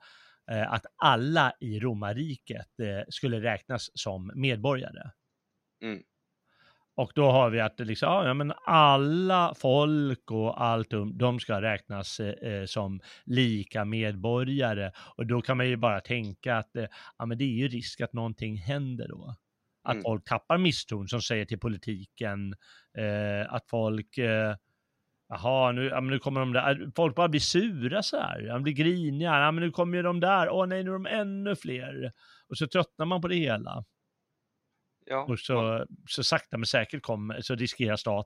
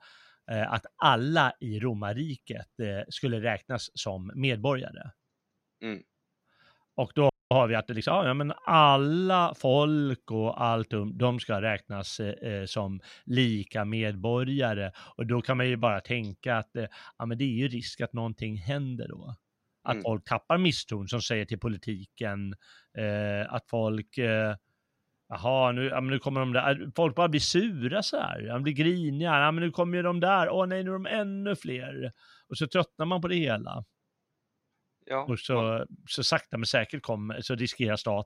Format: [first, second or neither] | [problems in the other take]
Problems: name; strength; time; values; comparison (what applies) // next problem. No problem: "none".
first | audio freezing; at 7.5 s